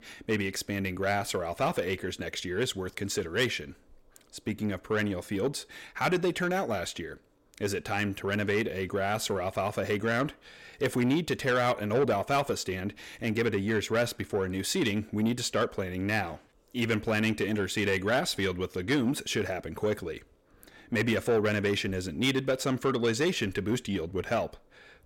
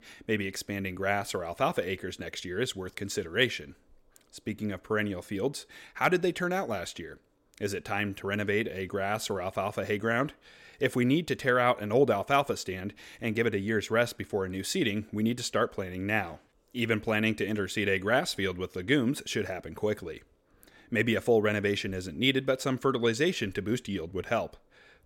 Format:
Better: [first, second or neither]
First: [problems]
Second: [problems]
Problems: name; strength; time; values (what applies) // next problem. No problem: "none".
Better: second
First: distortion; slight; 10 dB below the speech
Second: none